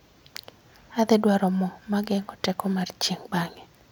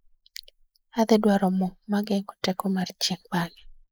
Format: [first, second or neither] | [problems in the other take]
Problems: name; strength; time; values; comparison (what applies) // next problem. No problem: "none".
first | noise reduction (neural mask model Resemble Enhance denoiser)